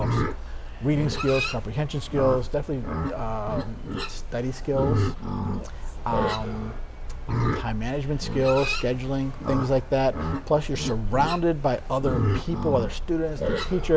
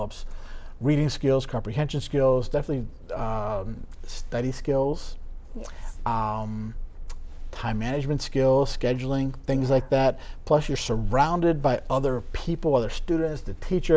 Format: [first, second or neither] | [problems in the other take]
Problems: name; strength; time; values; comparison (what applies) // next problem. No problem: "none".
second | background sound (Livestock, farm animals, working animals); 4 dB below the speech